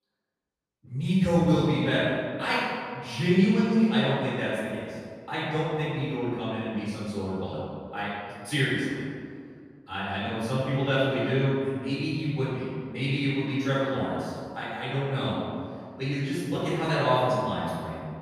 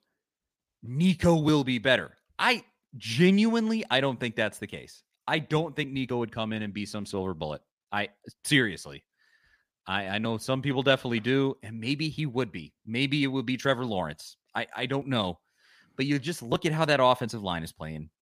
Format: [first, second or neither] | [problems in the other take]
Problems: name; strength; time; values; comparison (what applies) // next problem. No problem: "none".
second | room echo; strong; dies away in 2 s // off-mic speech; far